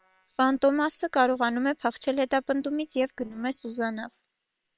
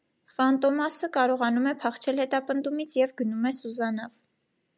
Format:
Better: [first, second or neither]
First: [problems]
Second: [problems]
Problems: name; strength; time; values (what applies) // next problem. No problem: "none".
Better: second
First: noise reduction (neural separator model SepFormer WHAM!)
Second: none